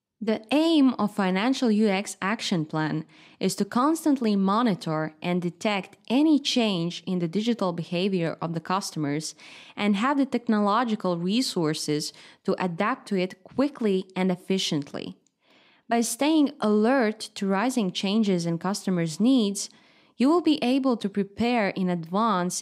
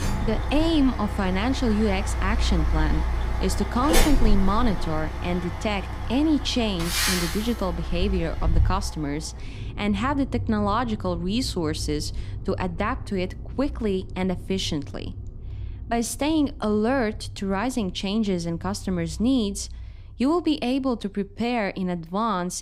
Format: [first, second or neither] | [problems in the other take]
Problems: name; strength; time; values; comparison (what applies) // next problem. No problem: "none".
first | traffic noise; loud; throughout; 4 dB below the speech